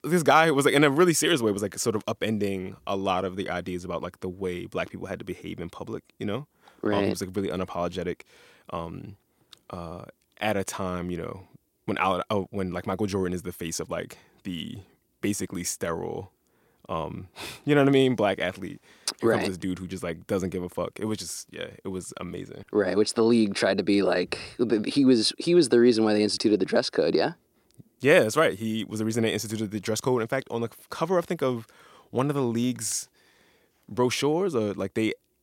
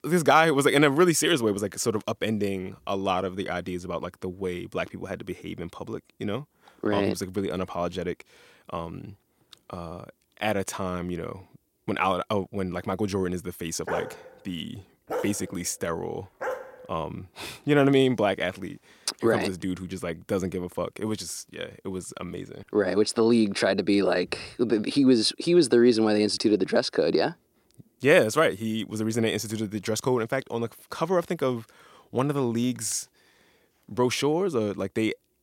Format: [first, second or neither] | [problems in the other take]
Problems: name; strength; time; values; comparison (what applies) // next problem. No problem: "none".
first | dog barking; noticeable; from 14 to 17 s; peak 7 dB below the speech